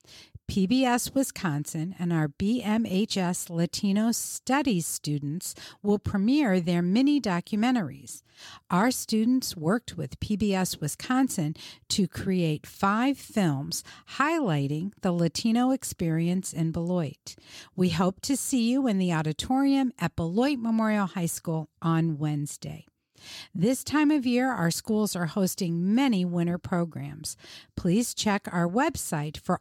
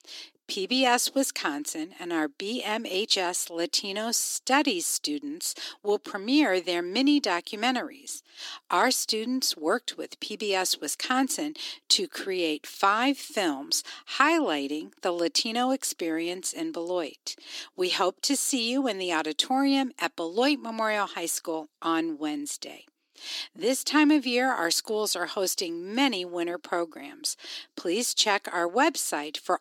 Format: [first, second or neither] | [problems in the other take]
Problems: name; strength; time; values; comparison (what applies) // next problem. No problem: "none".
first | thin; somewhat; fading below 300 Hz